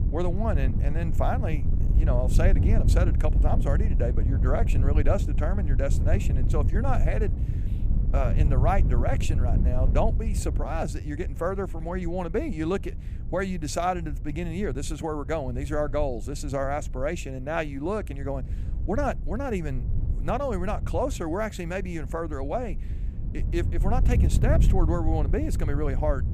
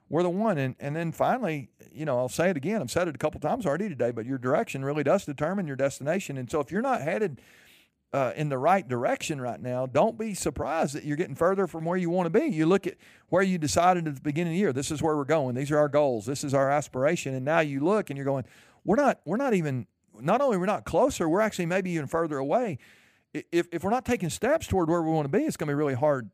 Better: second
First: wind noise on the microphone; occasional gusts; 10 dB below the speech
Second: none

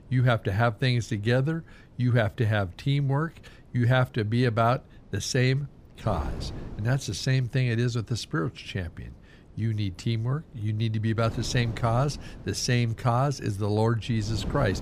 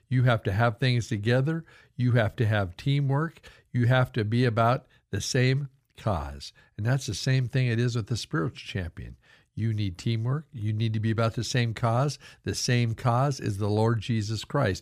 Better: second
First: wind noise on the microphone; occasional gusts; 20 dB below the speech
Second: none

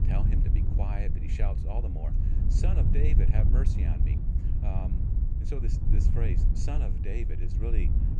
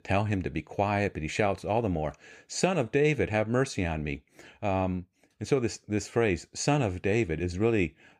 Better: second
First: wind noise on the microphone; heavy; 1 dB below the speech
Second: none

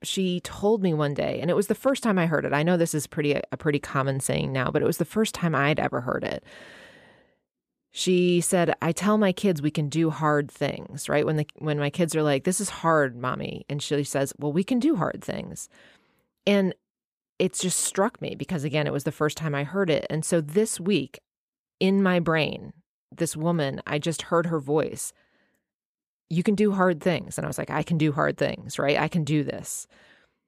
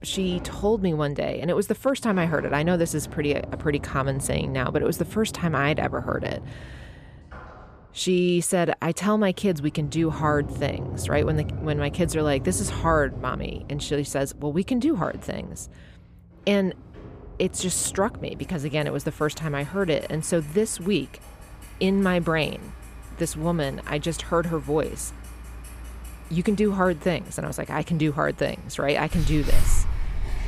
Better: first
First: none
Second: household noises; noticeable; throughout; 10 dB below the speech

